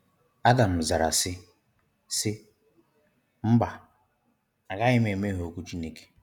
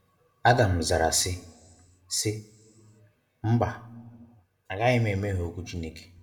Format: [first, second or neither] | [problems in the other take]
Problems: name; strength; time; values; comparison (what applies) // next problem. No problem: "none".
first | room echo; dies away in 0.5 s